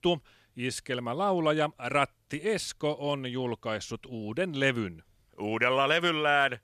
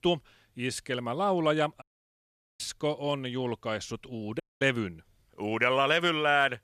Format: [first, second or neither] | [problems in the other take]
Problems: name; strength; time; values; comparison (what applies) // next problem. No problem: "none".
first | audio cutting out; at 2 s for 1 s and at 4.5 s